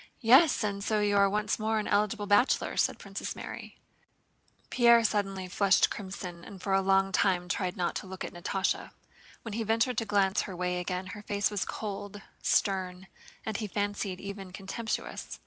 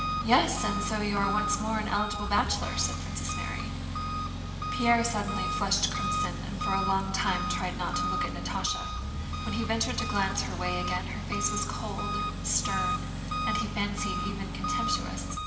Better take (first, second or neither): first